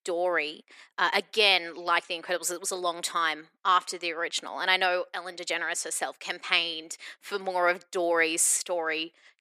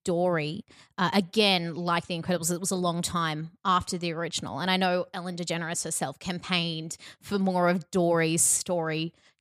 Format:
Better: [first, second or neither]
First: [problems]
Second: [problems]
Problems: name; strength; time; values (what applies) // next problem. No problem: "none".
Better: second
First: thin; very; fading below 350 Hz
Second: none